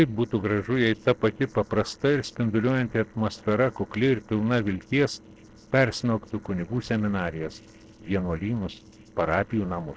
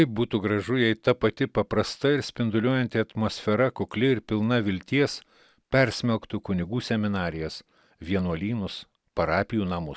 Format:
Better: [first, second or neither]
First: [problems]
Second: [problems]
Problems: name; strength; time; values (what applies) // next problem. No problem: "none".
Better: second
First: noise reduction (neural separator model SepFormer DNS4)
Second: none